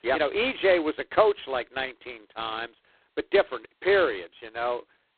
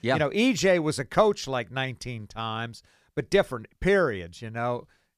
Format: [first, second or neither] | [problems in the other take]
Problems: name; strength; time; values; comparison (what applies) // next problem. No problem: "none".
second | phone-call audio; poor line; nothing above 4 kHz